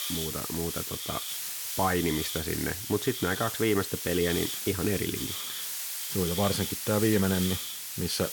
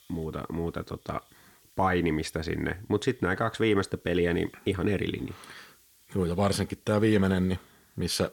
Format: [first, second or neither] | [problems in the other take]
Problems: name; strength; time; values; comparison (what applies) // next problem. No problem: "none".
second | hiss; loud; throughout; 2 dB below the speech; faint in the second